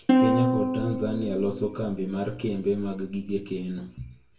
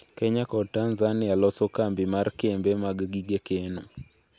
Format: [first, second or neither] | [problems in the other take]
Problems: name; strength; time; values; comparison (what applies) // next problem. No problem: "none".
second | background sound (Plucked string instrument); 1 dB above the speech // room echo; dies away in 0.3 s